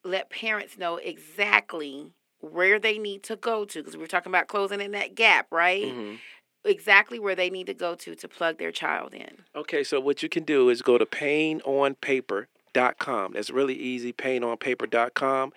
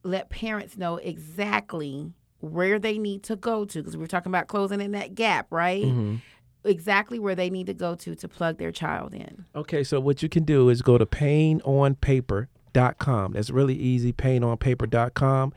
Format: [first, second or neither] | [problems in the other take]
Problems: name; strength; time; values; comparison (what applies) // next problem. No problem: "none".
second | thin; somewhat; fading below 300 Hz